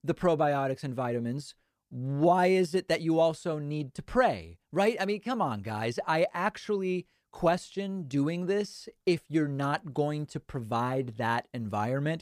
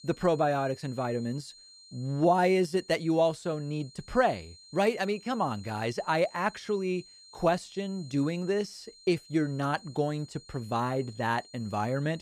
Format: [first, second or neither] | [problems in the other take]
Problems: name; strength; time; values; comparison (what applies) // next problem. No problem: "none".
first | high-pitched whine; faint; throughout; 4 kHz, 20 dB below the speech